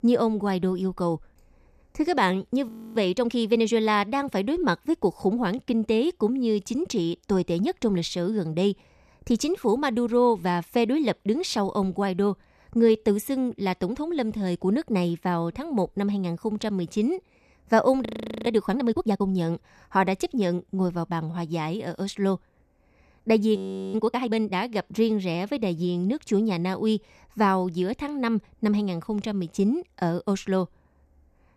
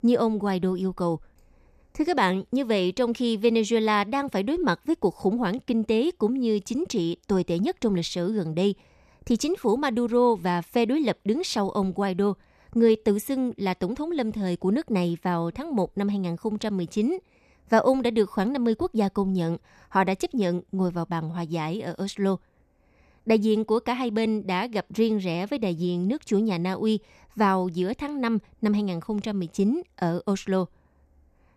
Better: second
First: audio freezing; at 2.5 s, at 18 s and at 24 s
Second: none

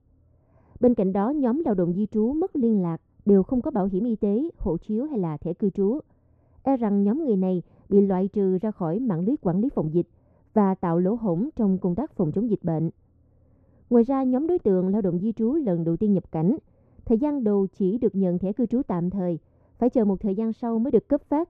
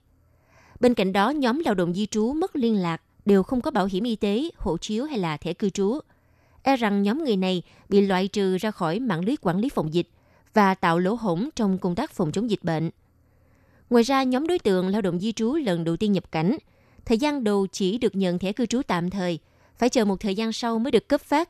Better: second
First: muffled; very; fading above 1.5 kHz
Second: none

